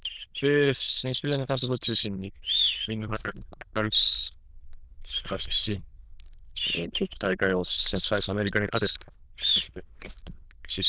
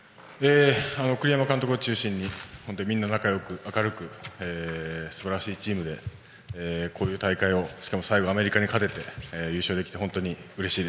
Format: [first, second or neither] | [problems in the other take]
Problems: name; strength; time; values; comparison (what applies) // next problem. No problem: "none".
second | noise reduction (neural diffusion model UNIVERSE++)